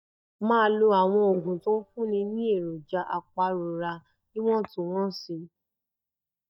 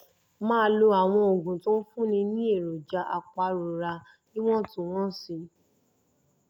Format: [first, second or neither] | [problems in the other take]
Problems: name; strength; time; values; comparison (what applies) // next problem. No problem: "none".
second | noise reduction (neural mask model DeepFilterNet 3)